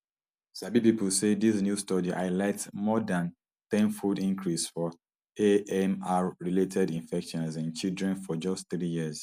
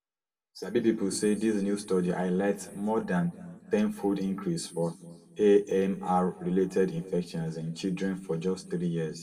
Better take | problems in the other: first | room echo; dies away in 1.6 s

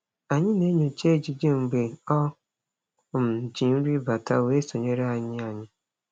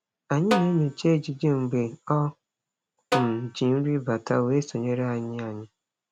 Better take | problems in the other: first | background sound (Snare drum); 7 dB below the speech

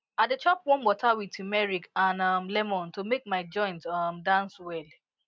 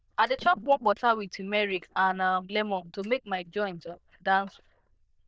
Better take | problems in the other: first | noise reduction (neural diffusion model UNIVERSE++)

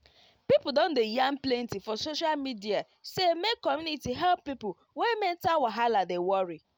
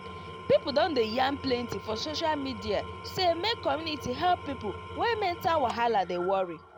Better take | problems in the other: first | background sound (Engine / Tools); 12 dB below the speech

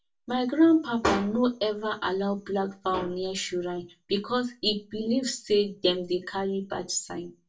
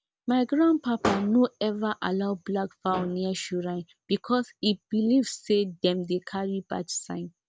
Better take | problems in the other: second | room echo; dies away in 0.2 s

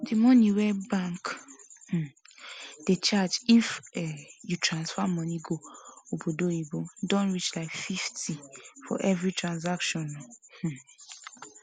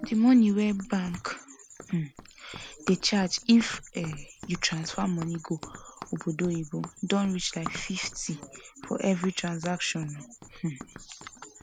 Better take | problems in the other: first | background sound (Run); 18 dB below the speech

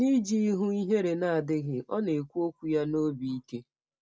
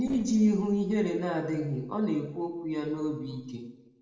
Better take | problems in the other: first | noise reduction (neural separator model SepFormer DNS4)

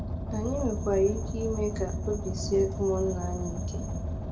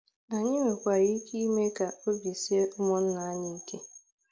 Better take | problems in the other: second | background sound (Car); 2 dB below the speech // room echo; dies away in 0.5 s

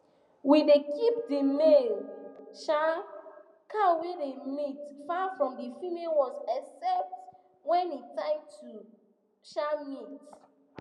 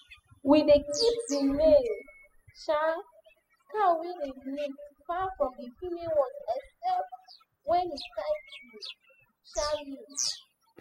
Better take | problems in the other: first | noise reduction (classical method spectral subtraction)

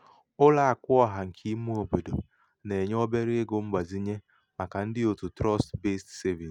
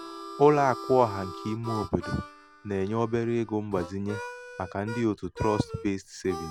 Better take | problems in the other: first | background sound (Harmonica); 12 dB below the speech

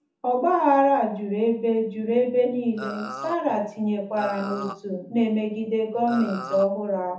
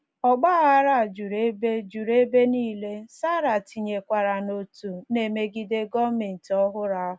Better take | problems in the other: second | background sound (Burping, eructation); 12 dB below the speech // room echo; dies away in 0.6 s

